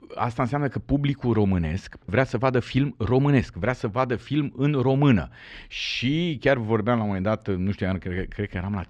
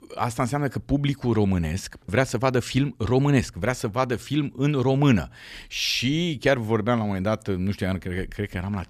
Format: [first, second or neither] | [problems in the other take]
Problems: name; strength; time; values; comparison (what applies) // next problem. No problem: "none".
second | muffled; slightly; fading above 3.5 kHz